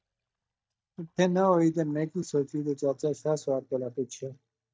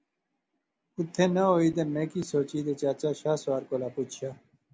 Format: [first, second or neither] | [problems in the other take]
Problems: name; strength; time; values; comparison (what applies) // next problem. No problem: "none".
second | noise reduction (neural mask model DeepFilterNet 3)